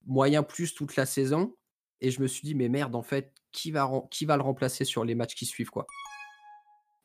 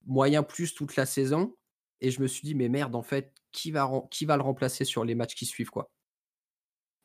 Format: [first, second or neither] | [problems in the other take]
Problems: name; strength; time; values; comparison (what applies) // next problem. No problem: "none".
second | alarm; faint; at 6 s; peak 15 dB below the speech